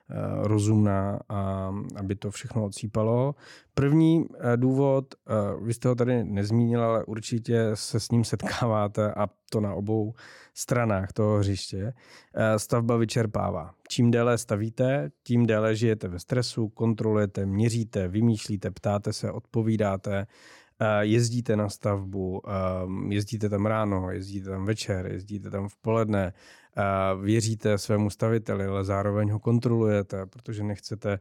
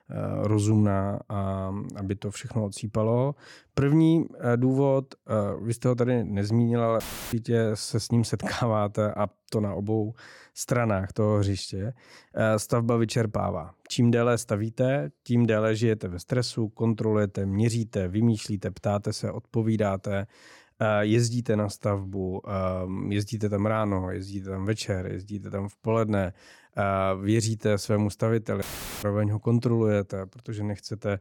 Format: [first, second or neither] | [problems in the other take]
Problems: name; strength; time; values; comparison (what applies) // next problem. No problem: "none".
first | audio cutting out; filled with static; at 7 s and at 29 s